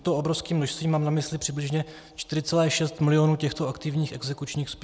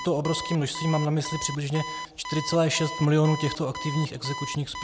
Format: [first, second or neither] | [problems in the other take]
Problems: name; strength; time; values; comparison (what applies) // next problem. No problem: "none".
first | background sound (Alarm); 10 dB below the speech